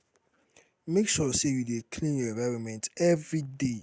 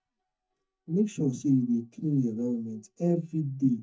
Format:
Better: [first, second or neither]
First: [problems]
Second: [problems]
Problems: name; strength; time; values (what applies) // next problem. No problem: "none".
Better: first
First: none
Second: noise reduction (neural mask model DeepFilterNet 3)